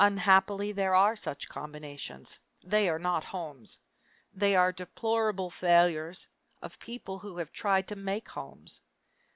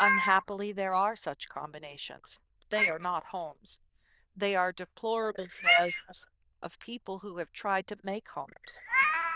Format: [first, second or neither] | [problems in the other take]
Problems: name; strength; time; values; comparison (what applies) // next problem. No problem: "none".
first | noise reduction (neural diffusion model UNIVERSE++)